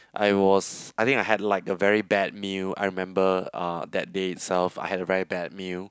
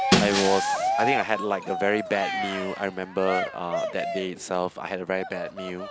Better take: first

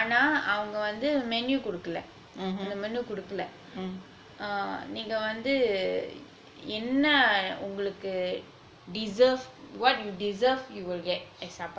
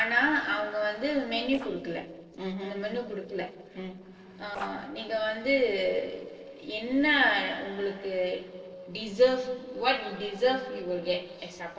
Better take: first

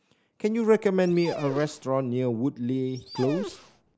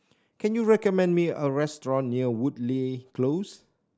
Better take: second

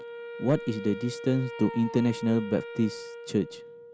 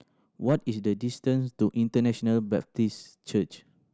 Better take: second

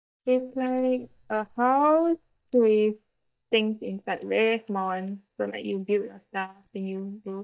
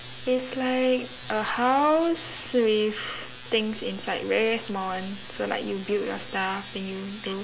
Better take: second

